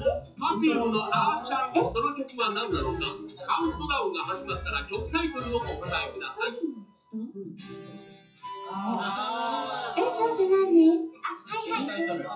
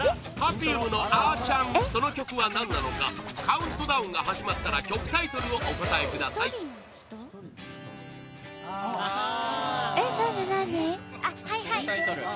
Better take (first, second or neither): second